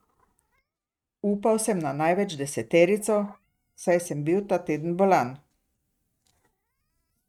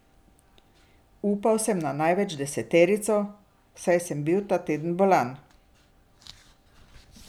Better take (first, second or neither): second